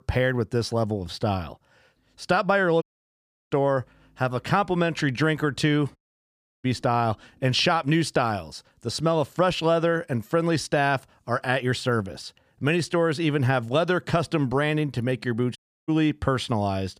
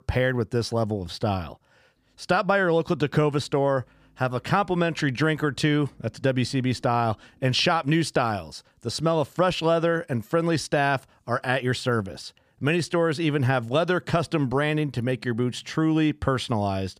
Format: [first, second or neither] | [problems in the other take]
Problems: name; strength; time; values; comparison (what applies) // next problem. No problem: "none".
second | audio cutting out; at 3 s for 0.5 s, at 6 s for 0.5 s and at 16 s